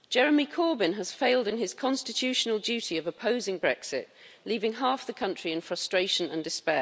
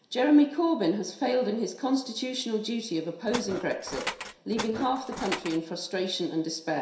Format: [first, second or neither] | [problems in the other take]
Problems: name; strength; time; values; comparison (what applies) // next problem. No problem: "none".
first | background sound (Tools); 9 dB below the speech // room echo; dies away in 0.7 s